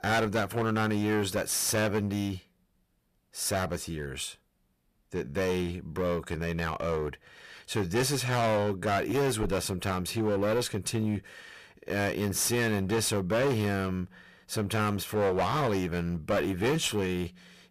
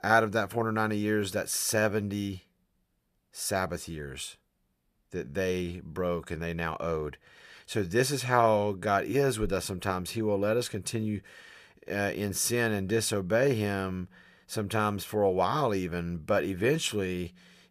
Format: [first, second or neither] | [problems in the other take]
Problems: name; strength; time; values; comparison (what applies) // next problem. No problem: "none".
second | distortion; heavy; 12% of the sound clipped